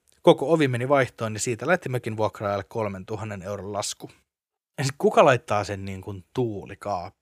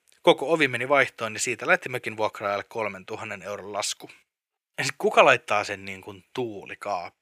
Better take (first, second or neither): first